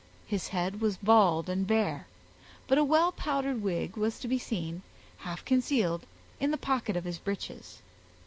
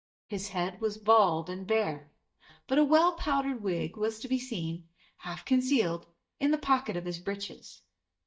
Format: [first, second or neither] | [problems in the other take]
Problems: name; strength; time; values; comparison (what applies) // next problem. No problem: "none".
first | noise reduction (neural mask model DeepFilterNet 3)